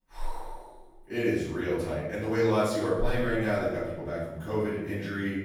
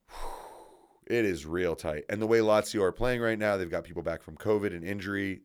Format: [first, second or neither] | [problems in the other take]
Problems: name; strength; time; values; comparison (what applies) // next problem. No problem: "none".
second | off-mic speech; far // room echo; noticeable; dies away in 1.1 s